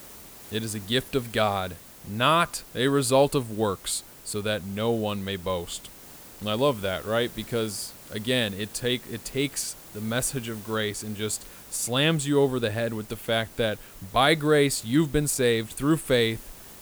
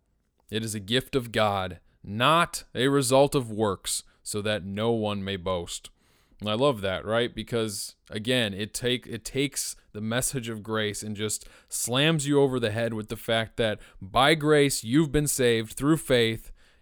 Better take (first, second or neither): second